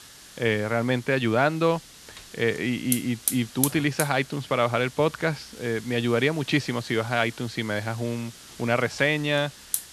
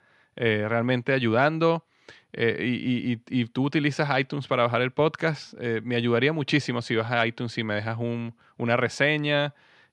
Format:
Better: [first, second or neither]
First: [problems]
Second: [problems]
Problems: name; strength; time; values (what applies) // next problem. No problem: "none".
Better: second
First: hiss; noticeable; throughout; 10 dB below the speech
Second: none